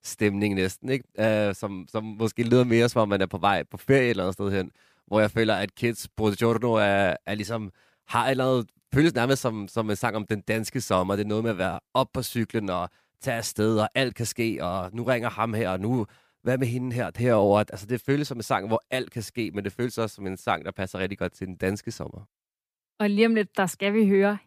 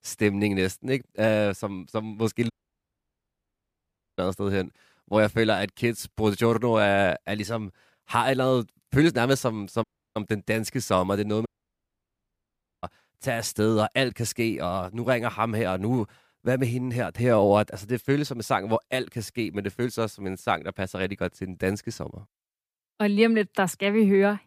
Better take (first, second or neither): first